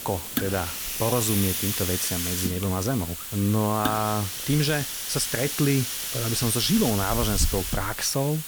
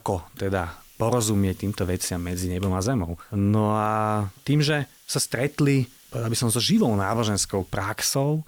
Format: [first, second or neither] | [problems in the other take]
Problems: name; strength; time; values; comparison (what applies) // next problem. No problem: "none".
second | hiss; loud; throughout; 2 dB below the speech; faint in the second